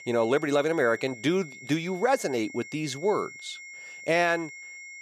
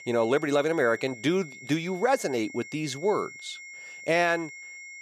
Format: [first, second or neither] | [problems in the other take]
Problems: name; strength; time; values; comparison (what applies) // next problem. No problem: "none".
neither | high-pitched whine; noticeable; throughout; 2 kHz, 15 dB below the speech; the same in both